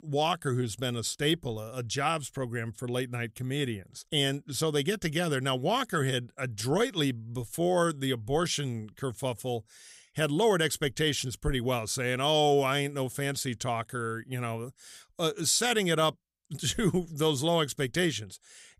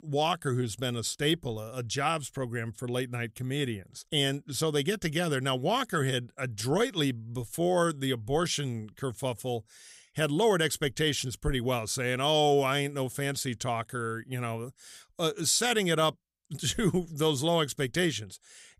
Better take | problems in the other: neither | none

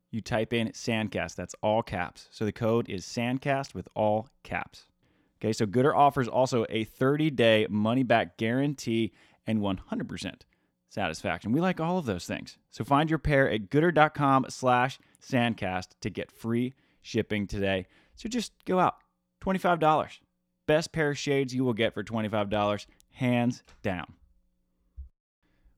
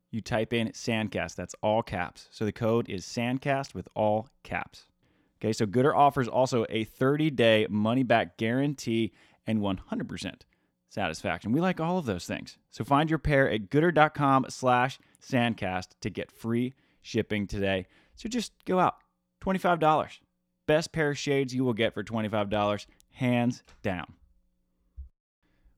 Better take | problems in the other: neither | none

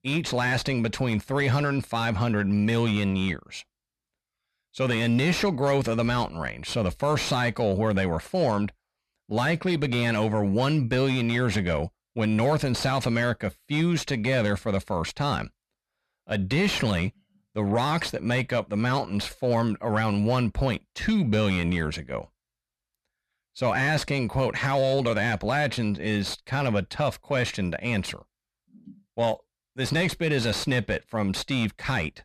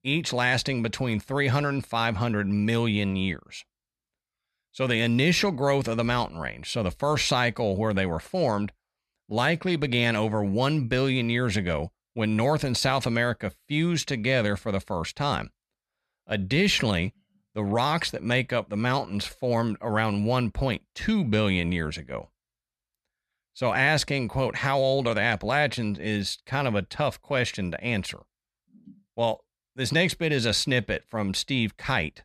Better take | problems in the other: second | distortion; slight; 10 dB below the speech

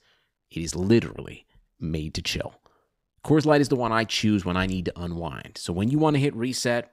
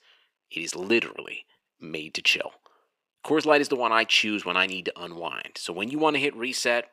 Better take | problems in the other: first | thin; somewhat; fading below 400 Hz

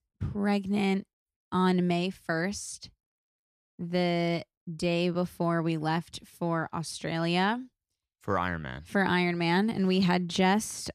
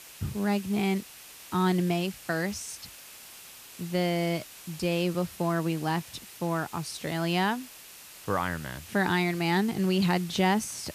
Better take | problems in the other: first | hiss; noticeable; throughout; 15 dB below the speech

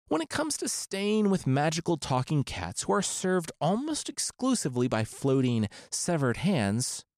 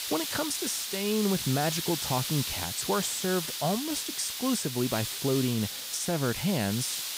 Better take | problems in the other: first | hiss; loud; throughout; 2 dB below the speech

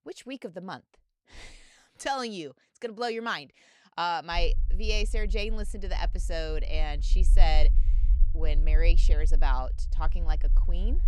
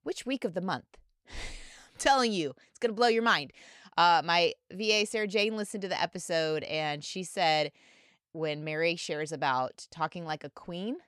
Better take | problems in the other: second | low rumble; faint; from 4.5 s on; 20 dB below the speech

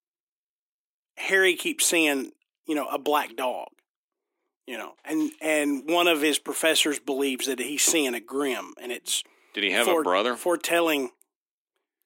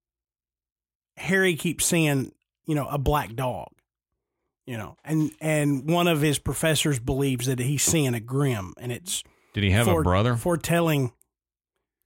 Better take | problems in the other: second | thin; somewhat; fading below 250 Hz

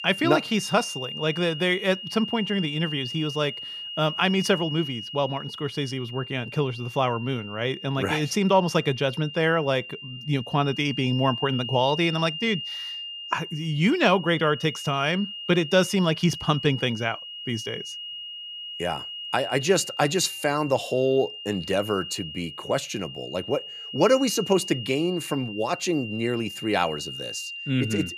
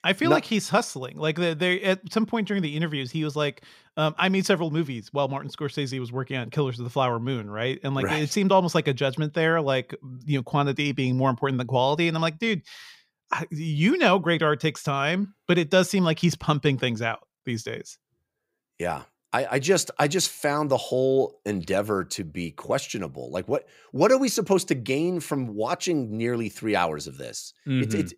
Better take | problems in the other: second | high-pitched whine; loud; throughout; 3 kHz, 9 dB below the speech

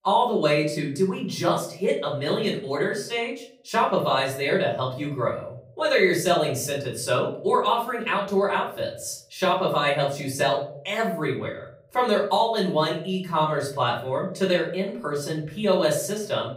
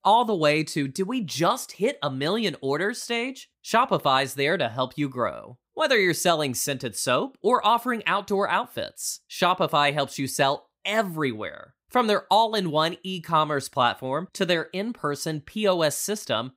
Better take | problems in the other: second | off-mic speech; far // room echo; slight; dies away in 0.5 s

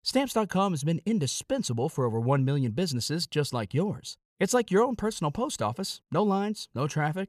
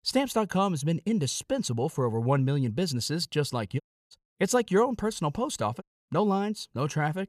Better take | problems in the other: first | audio cutting out; at 4 s and at 6 s

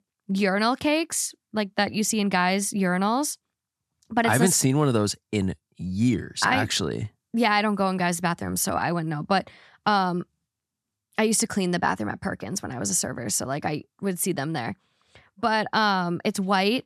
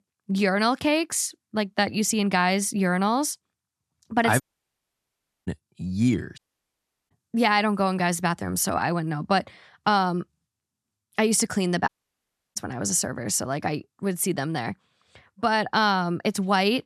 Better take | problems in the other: first | audio cutting out; at 4.5 s for 1 s, at 6.5 s for 0.5 s and at 12 s for 0.5 s

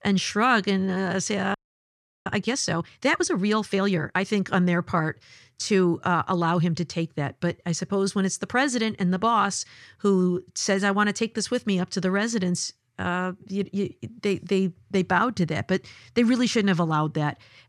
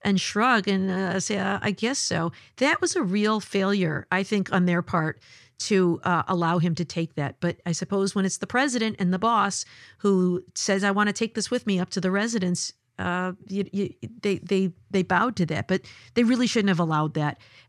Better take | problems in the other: second | audio freezing; at 1.5 s for 0.5 s

